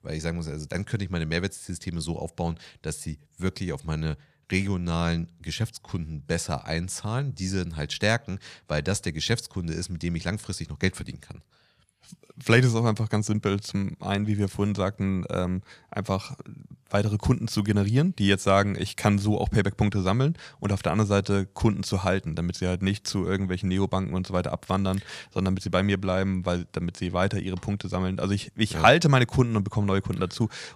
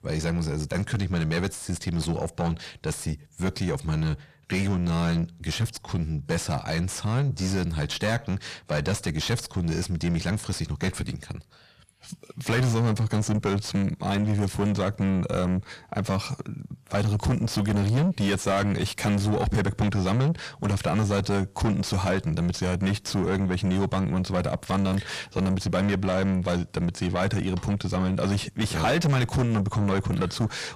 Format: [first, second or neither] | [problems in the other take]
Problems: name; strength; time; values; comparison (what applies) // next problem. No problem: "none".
first | distortion; heavy; 6 dB below the speech